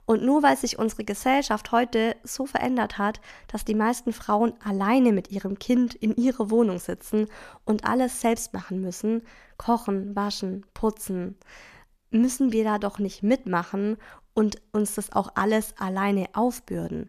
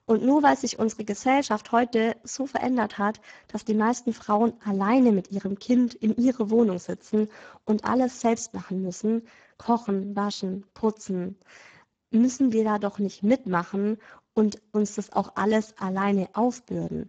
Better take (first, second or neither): first